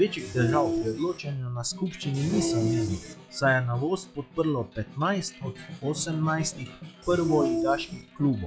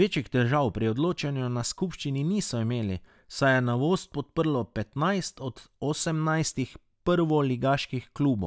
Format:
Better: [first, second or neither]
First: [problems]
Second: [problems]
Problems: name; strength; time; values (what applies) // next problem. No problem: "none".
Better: second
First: noise reduction (classical method log-MMSE)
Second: none